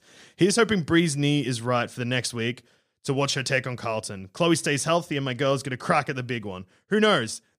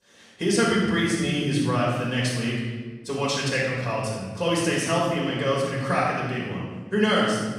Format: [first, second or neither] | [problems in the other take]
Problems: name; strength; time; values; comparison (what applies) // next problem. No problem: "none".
first | room echo; strong; dies away in 1.4 s // off-mic speech; far